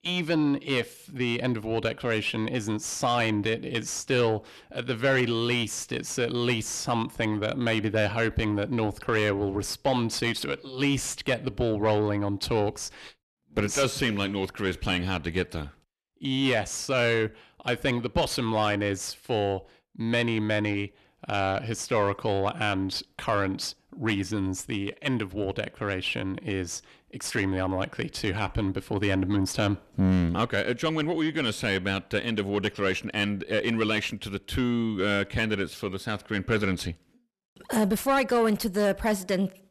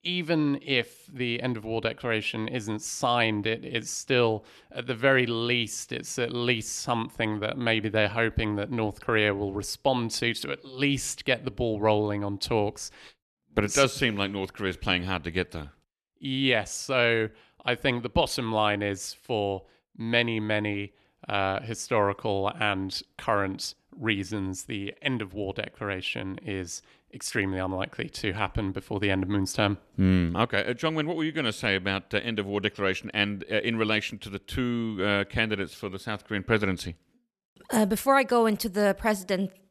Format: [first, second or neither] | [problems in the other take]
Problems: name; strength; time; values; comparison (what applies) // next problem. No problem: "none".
second | distortion; slight; 10 dB below the speech